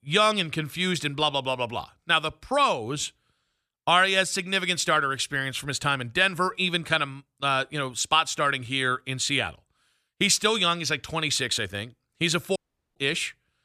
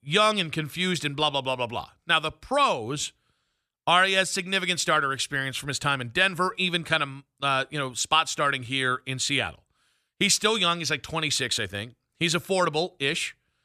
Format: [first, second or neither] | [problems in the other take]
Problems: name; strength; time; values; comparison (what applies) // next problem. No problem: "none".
second | audio cutting out; at 13 s